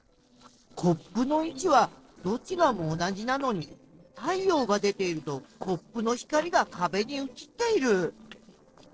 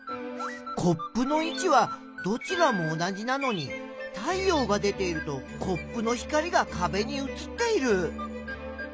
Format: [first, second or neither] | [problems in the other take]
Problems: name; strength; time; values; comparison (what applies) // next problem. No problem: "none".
second | noise reduction (neural separator model SepFormer DNS4)